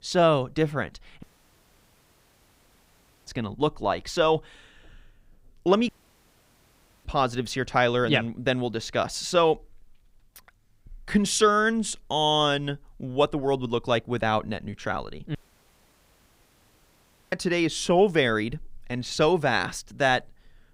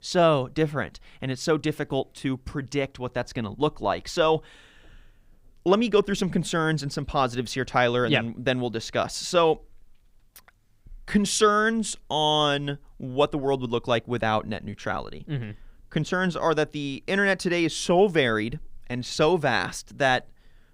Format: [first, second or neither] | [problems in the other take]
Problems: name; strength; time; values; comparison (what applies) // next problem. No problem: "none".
second | audio cutting out; at 1 s for 2 s, at 6 s for 1 s and at 15 s for 2 s